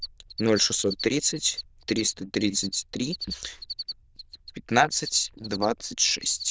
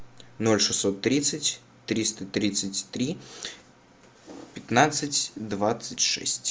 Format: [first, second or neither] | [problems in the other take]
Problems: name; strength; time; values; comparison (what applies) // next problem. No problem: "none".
second | noise reduction (neural diffusion model UNIVERSE++)